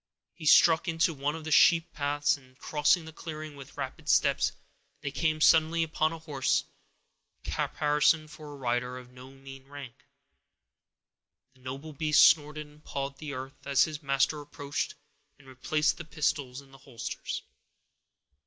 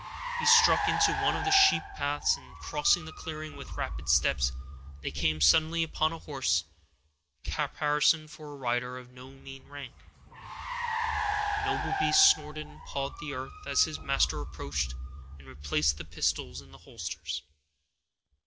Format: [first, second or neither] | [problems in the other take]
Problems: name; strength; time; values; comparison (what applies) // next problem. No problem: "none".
first | background sound (Car); 4 dB below the speech